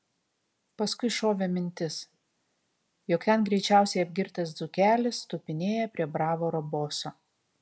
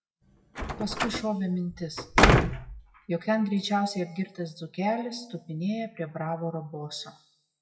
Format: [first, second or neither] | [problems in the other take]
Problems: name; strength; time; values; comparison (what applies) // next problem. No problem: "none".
first | noise reduction (classical method WPE with log-MMSE)